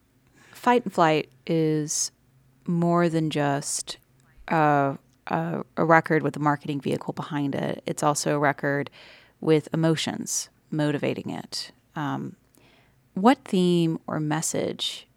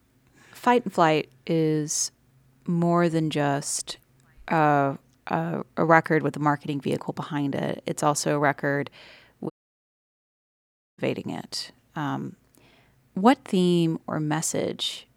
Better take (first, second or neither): first